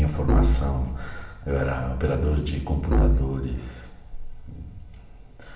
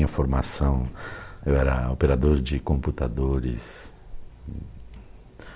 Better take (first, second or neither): second